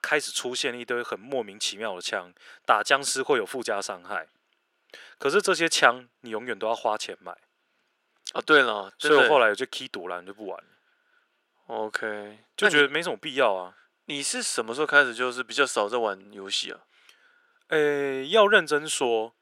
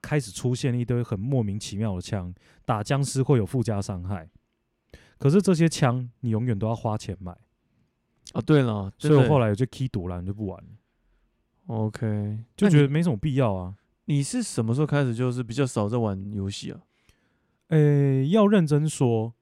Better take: second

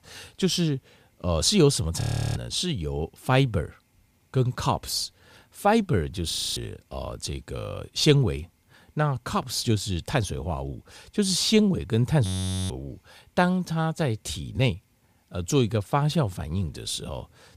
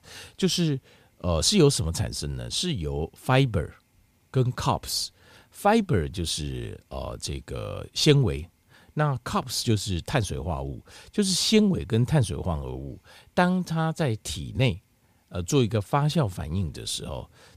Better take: second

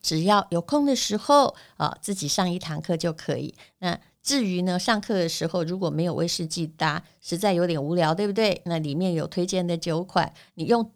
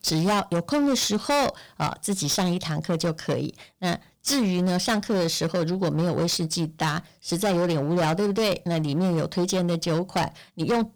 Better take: first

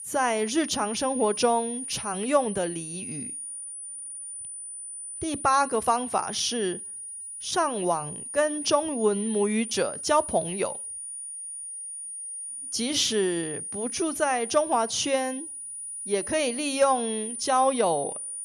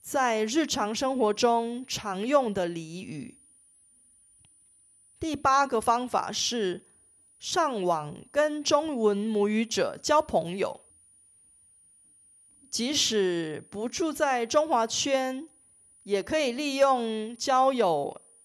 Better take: second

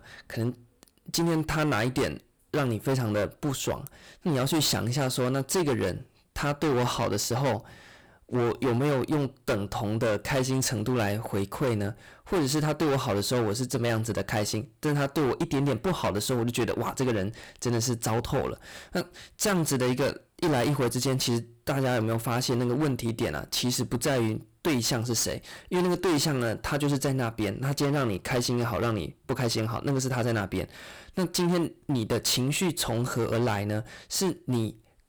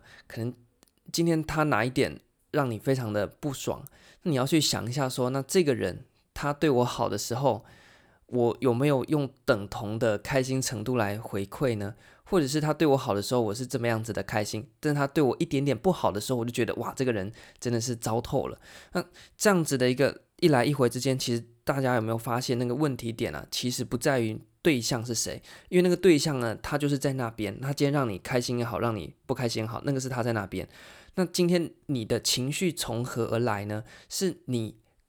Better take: second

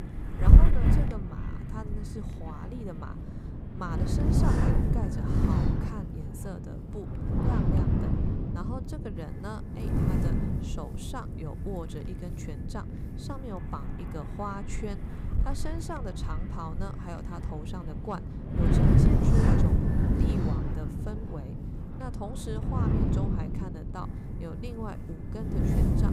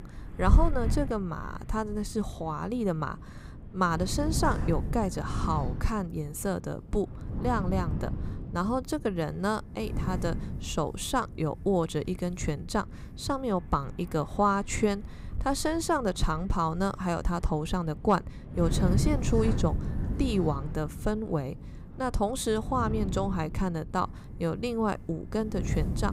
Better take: second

